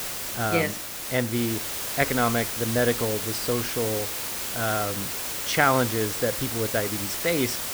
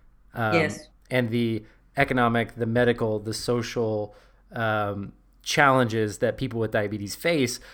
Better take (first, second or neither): second